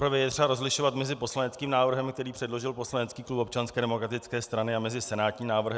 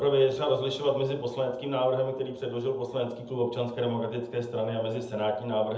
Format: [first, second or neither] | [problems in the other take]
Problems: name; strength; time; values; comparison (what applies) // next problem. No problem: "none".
first | room echo; dies away in 0.7 s